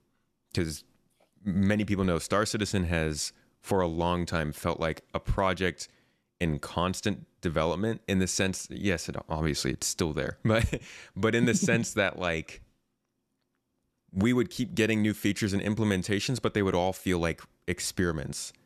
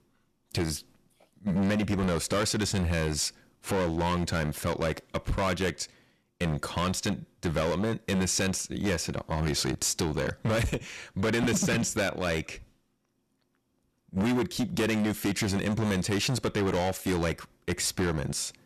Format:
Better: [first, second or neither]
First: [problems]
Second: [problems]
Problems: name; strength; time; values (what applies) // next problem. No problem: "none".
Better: first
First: none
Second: distortion; heavy; 16% of the sound clipped